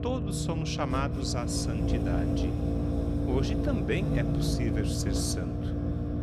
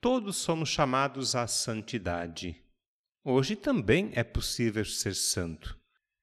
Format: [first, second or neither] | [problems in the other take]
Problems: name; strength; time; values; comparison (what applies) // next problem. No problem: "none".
second | low rumble; loud; throughout; 1 dB below the speech